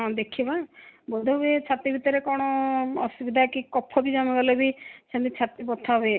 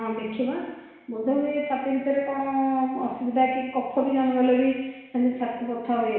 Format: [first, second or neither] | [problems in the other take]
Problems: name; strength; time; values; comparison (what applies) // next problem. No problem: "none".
first | room echo; dies away in 1.1 s